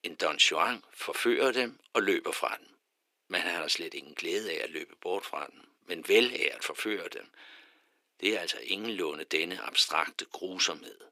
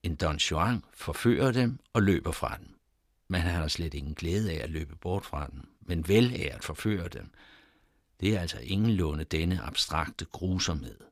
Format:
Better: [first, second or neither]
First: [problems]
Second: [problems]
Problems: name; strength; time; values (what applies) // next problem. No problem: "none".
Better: second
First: thin; very; fading below 350 Hz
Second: none